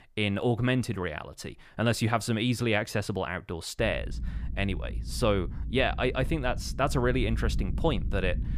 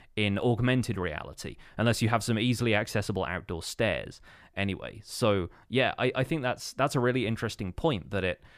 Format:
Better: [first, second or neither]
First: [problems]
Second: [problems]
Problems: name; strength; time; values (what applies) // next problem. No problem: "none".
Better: second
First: low rumble; faint; from 4 s on; 20 dB below the speech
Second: none